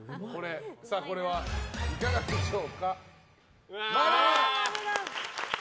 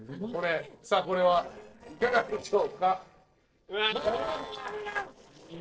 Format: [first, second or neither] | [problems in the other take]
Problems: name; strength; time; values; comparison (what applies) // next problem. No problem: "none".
first | noise reduction (neural separator model SepFormer DNS4)